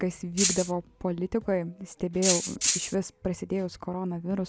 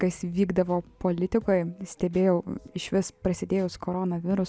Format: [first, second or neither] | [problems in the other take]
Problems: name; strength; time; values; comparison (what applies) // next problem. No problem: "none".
second | background sound (Rattle (instrument)); 3 dB above the speech